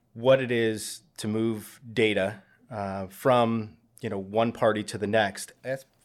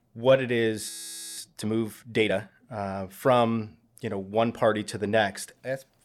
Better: first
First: none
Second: audio freezing; at 1 s

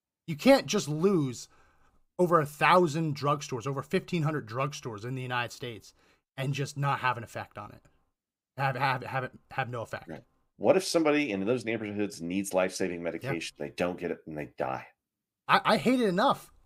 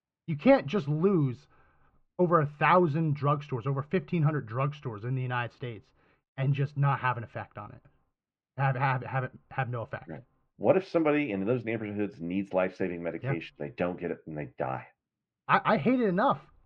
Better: first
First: none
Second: muffled; very; fading above 2.5 kHz

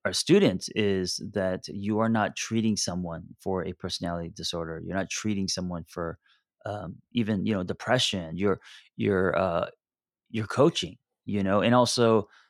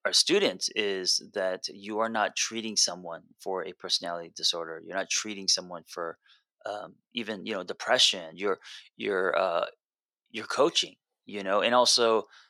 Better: first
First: none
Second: thin; somewhat; fading below 450 Hz

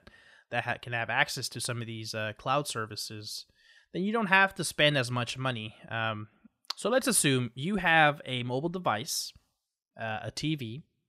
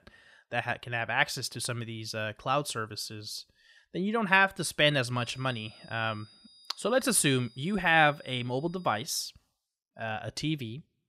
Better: first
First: none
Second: high-pitched whine; faint; from 5 to 9 s; 5 kHz, 25 dB below the speech

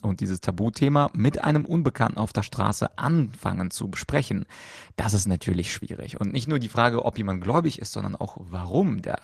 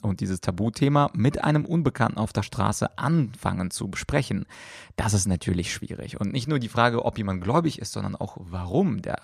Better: second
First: garbled, watery; slightly; nothing above 14.5 kHz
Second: none

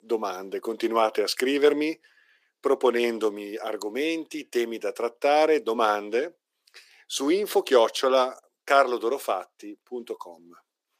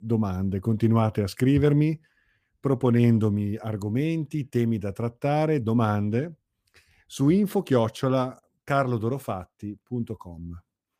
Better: second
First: thin; very; fading below 350 Hz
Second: none

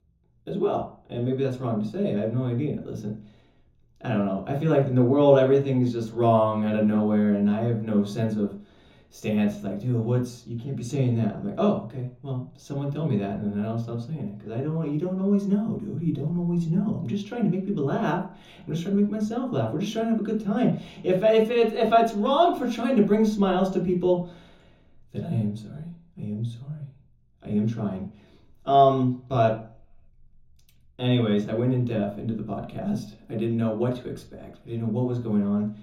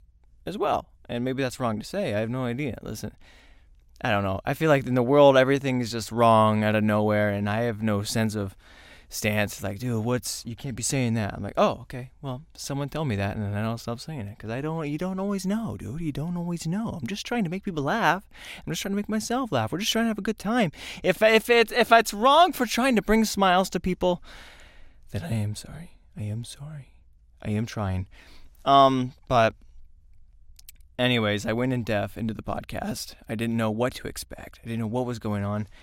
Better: second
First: room echo; noticeable; dies away in 0.6 s // off-mic speech; far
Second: none

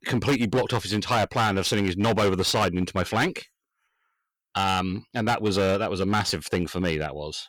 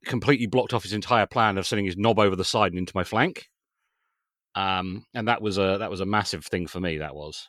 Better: second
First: distortion; heavy; 11% of the sound clipped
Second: none

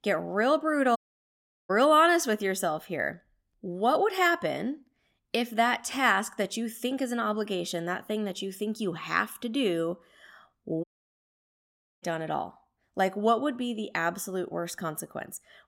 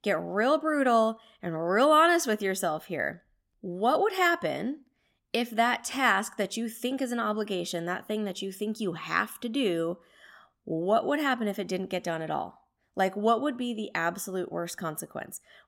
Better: second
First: audio cutting out; at 1 s for 0.5 s and at 11 s for 1 s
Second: none

